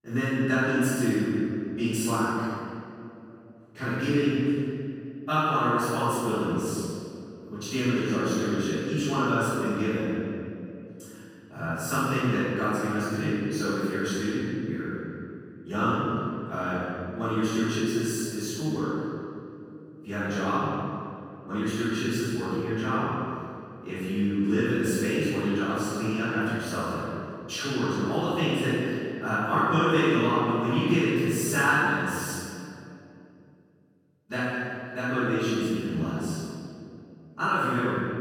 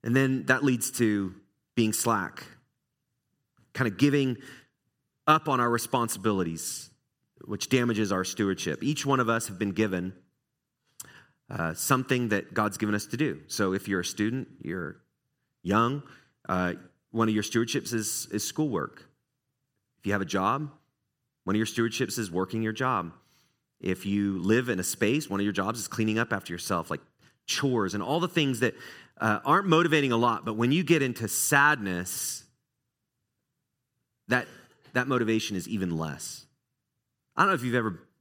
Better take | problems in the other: second | room echo; strong; dies away in 2.2 s // off-mic speech; far

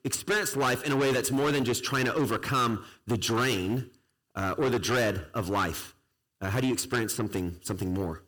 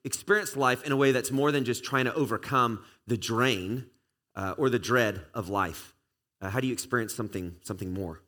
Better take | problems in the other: second | distortion; heavy; 6 dB below the speech

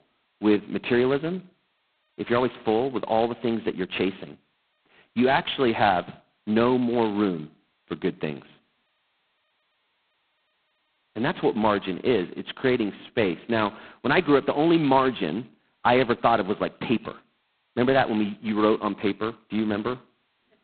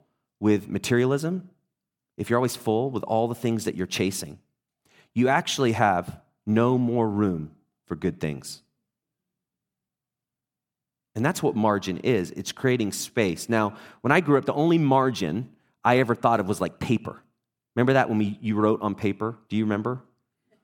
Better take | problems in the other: second | phone-call audio; poor line; nothing above 4 kHz

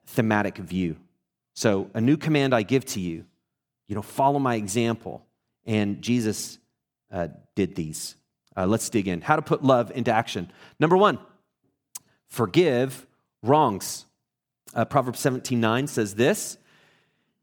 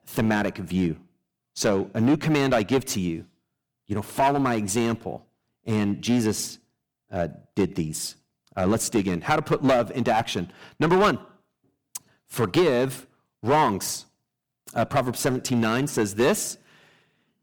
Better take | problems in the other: first | distortion; heavy; 5% of the sound clipped

